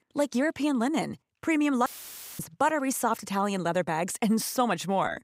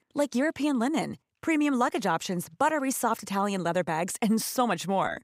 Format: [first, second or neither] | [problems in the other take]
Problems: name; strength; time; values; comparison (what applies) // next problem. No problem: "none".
second | audio cutting out; filled with static; at 2 s for 0.5 s